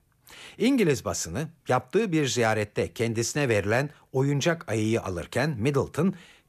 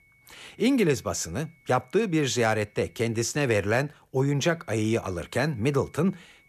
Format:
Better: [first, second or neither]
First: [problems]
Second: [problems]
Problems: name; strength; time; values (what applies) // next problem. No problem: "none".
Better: first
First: none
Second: high-pitched whine; faint; until 3.5 s and from 4.5 s on; 2 kHz, 35 dB below the speech